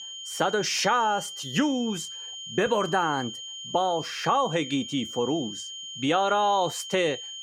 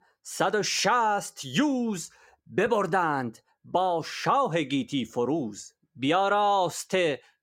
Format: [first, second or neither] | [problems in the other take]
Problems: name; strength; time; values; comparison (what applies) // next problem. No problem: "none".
second | high-pitched whine; loud; throughout; 3 kHz, 10 dB below the speech